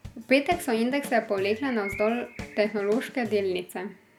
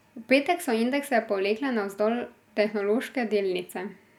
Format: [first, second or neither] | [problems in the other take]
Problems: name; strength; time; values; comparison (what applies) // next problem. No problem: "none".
second | background sound (Drum kit + Bird); 15 dB below the speech